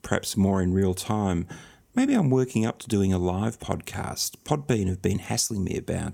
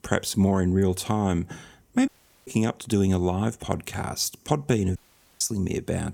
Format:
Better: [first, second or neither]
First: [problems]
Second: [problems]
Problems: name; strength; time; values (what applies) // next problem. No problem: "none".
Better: first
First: none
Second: audio cutting out; at 2 s and at 5 s